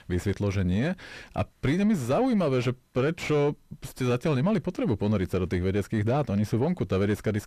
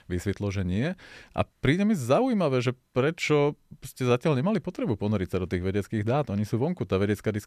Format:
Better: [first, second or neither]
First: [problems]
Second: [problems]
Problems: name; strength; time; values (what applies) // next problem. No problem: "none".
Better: second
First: distortion; slight; 9 dB below the speech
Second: none